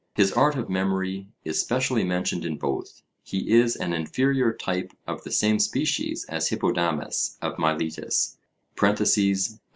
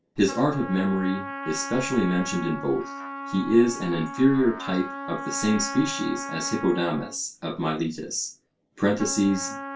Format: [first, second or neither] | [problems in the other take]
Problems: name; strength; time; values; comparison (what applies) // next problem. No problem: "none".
first | background sound (Trumpet); 10 dB below the speech // room echo; dies away in 0.2 s